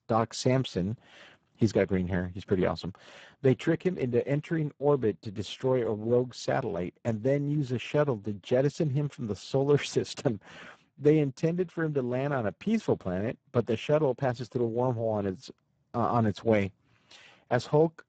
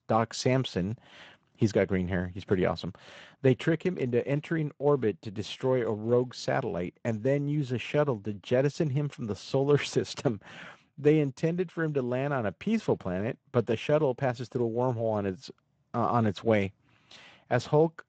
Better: second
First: garbled, watery; badly; nothing above 8 kHz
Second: garbled, watery; slightly; nothing above 8 kHz

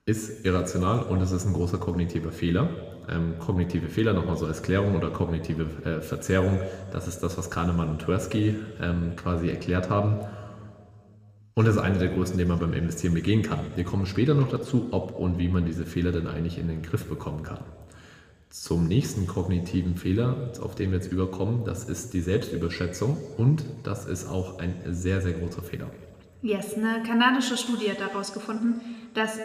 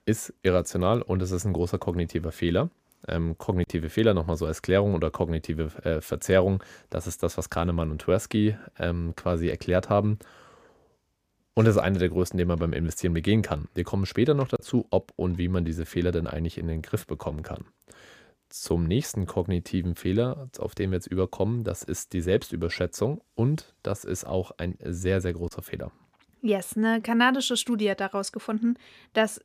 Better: second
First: room echo; slight; dies away in 2 s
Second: none

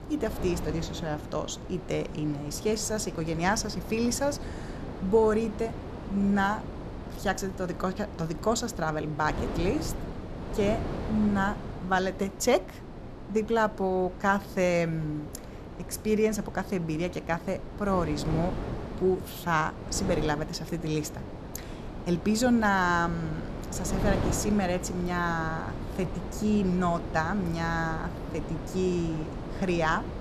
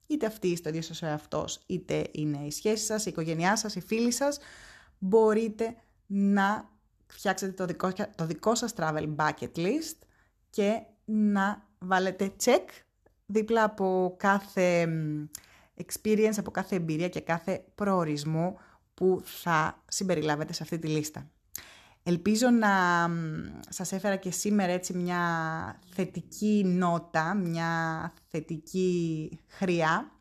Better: second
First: wind noise on the microphone; occasional gusts; 10 dB below the speech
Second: none

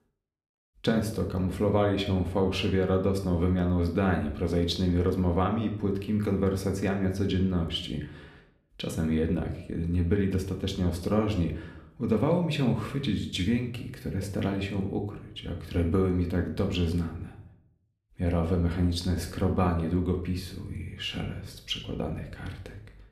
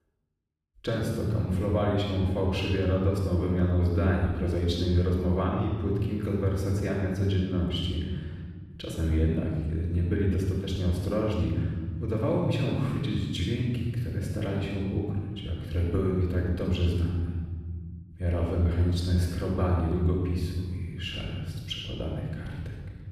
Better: first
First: room echo; slight; dies away in 0.5 s // off-mic speech; somewhat distant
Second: room echo; strong; dies away in 1.7 s // off-mic speech; far

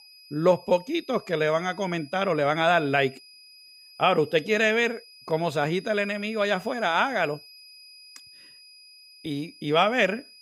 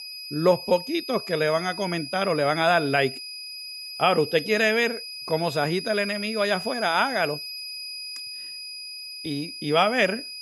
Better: first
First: high-pitched whine; faint; throughout; 5 kHz, 25 dB below the speech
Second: high-pitched whine; loud; throughout; 5 kHz, 10 dB below the speech

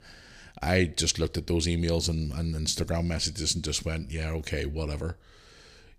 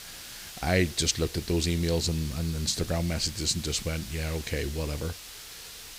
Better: first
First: none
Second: hiss; noticeable; throughout; 10 dB below the speech

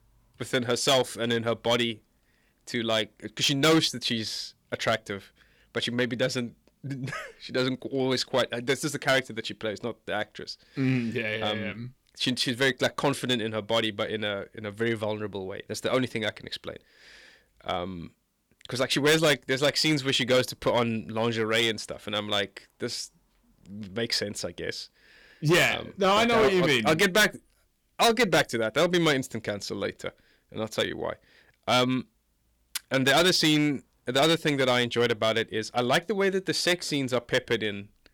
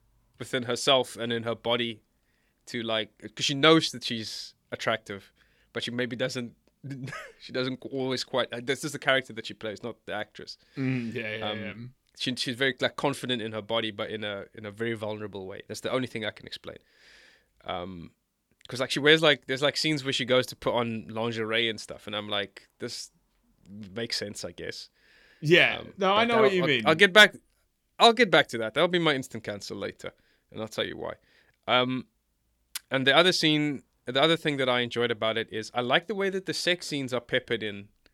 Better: second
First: distortion; heavy; 4% of the sound clipped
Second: none

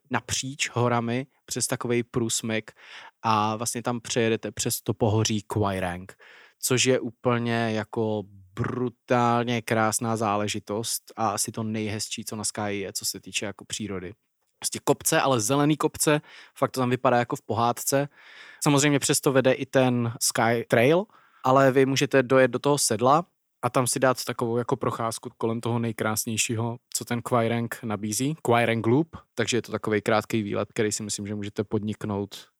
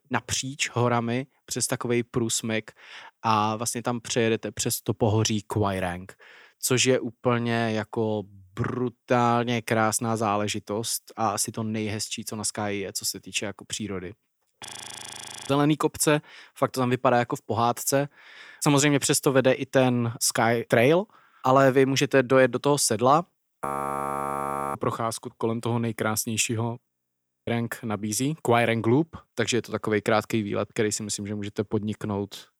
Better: first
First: none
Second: audio freezing; at 15 s for 1 s, at 24 s for 1 s and at 27 s for 0.5 s

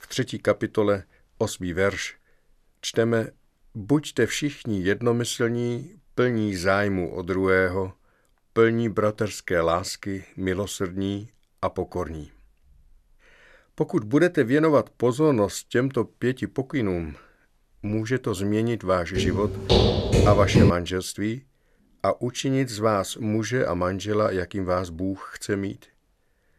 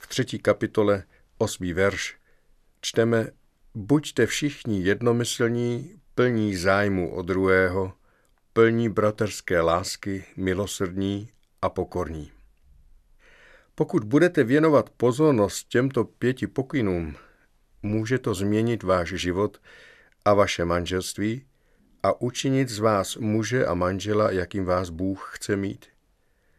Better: second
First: footsteps; loud; from 19 to 21 s; peak 6 dB above the speech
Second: none

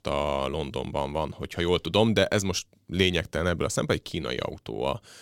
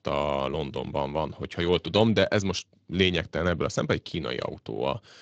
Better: first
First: none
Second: garbled, watery; slightly; nothing above 7.5 kHz

